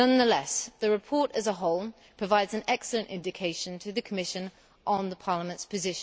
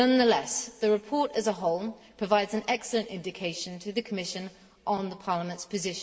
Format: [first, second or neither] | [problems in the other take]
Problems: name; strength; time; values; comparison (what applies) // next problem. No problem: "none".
first | room echo; dies away in 1.4 s